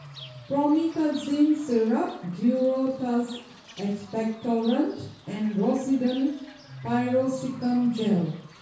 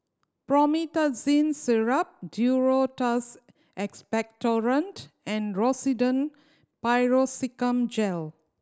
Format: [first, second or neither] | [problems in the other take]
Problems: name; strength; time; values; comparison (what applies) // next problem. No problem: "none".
second | background sound (Bird / Fowl); 19 dB below the speech // room echo; dies away in 0.6 s